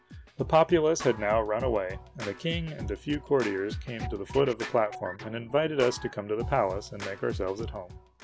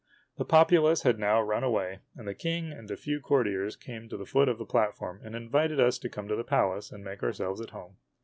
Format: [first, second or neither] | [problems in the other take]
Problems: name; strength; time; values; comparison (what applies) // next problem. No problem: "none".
second | background sound (Scratching (performance technique)); 11 dB below the speech